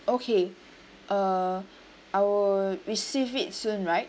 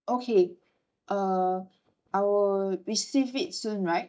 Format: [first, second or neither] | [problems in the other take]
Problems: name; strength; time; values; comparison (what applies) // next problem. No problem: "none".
first | noise reduction (neural mask model DeepFilterNet 3)